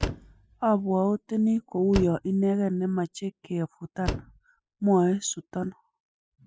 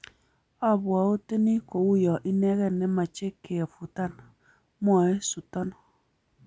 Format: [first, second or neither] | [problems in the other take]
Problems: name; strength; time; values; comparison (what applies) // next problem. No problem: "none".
second | noise reduction (classical method spectral subtraction)